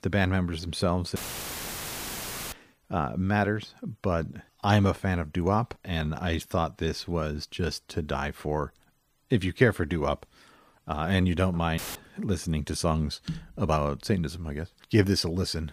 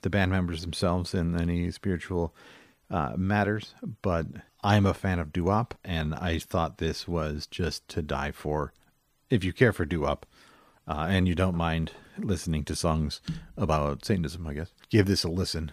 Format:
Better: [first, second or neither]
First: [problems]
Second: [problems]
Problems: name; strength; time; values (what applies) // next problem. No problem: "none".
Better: second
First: audio cutting out; filled with static; at 1 s for 1.5 s and at 12 s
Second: none